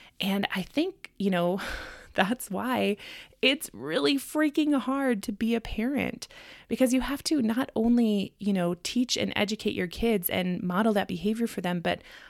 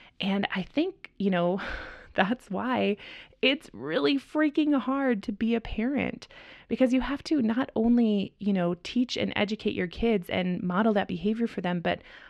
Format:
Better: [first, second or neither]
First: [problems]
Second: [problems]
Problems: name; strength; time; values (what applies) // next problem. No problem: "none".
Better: first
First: none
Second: muffled; very slightly; fading above 3.5 kHz